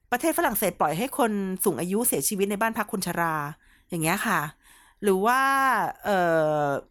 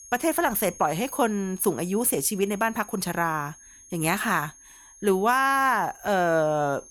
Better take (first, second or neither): first